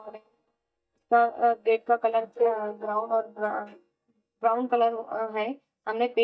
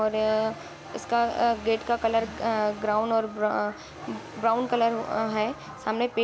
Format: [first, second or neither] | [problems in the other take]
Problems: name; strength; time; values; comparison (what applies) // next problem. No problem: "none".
second | noise reduction (neural mask model DeepFilterNet 3)